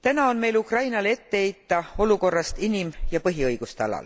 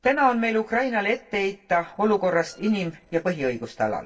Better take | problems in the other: first | noise reduction (neural separator model SepFormer DNS4)

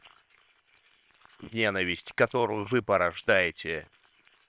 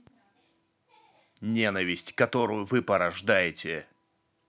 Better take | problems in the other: second | noise reduction (neural separator model SepFormer WHAM!)

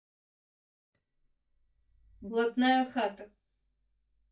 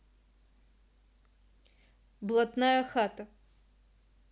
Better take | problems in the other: second | noise reduction (neural mask model DeepFilterNet 3)

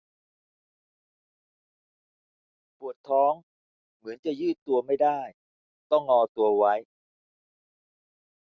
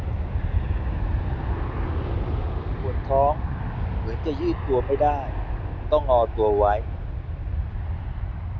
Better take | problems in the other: first | background sound (Aircraft); 1 dB above the speech

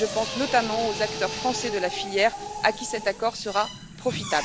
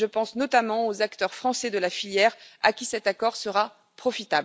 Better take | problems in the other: second | background sound (Fire + Drill); 7 dB below the speech

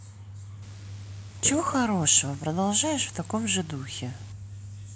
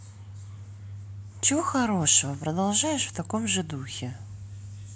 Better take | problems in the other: second | background sound (Burping, eructation); 18 dB below the speech

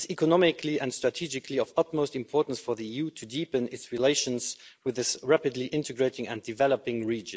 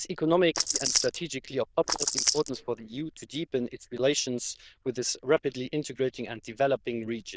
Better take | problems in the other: first | noise reduction (neural diffusion model UNIVERSE++)

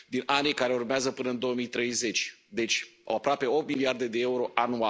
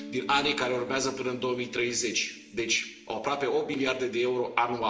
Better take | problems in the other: first | background sound (Guitar); 18 dB below the speech // room echo; dies away in 1 s

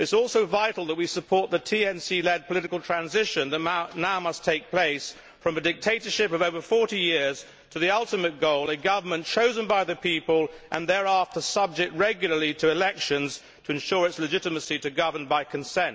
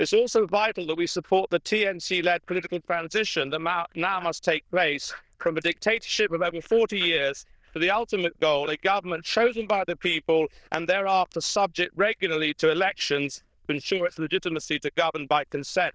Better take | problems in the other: first | noise reduction (neural diffusion model UNIVERSE++)

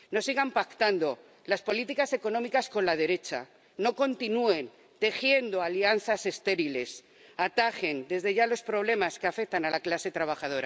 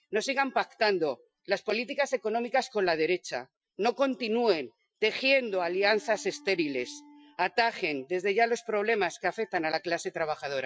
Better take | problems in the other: first | noise reduction (classical method Wiener filter)

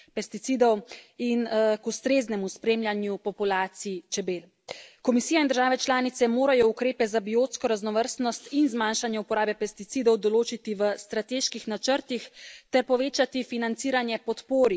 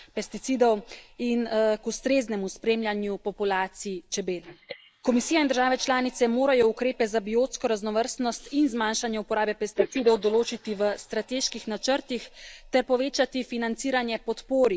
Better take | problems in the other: first | noise reduction (neural mask model Resemble Enhance denoiser)

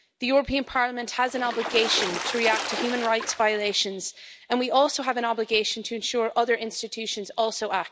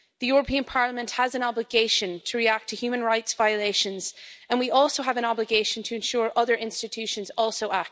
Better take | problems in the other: second | background sound (Water / Splash, splatter); 7 dB below the speech

